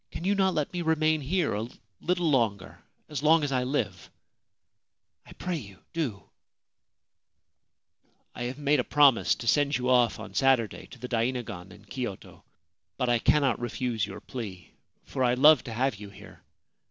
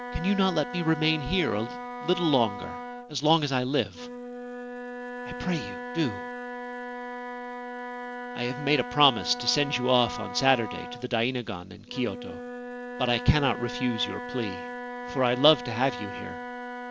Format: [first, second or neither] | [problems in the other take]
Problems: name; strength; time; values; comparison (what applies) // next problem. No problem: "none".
first | background sound (Wind instrument, woodwind instrument); 9 dB below the speech